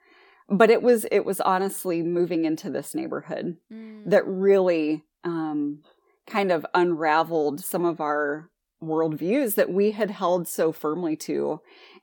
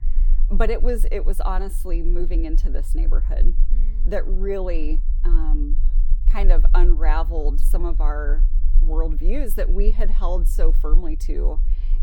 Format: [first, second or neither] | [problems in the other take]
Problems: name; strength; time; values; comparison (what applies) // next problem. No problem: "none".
first | low rumble; noticeable; throughout; 20 dB below the speech